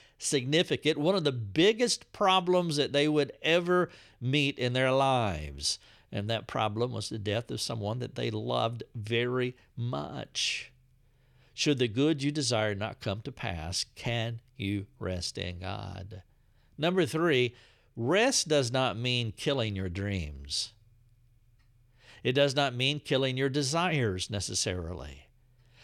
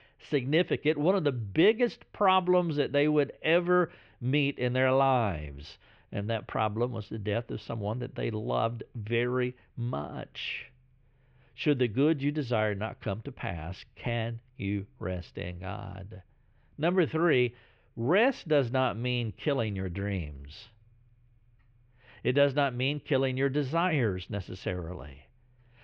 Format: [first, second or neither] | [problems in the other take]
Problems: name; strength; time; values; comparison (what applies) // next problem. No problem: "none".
first | muffled; very; fading above 2.5 kHz